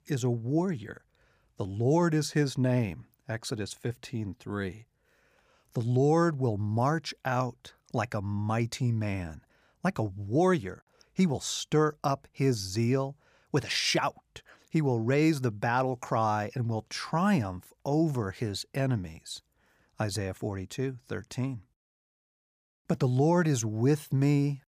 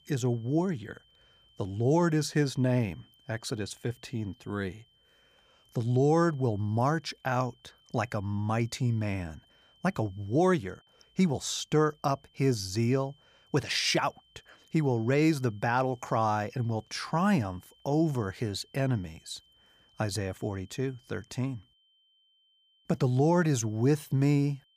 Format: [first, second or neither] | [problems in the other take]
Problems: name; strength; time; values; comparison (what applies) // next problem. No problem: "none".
first | high-pitched whine; faint; throughout; 3 kHz, 35 dB below the speech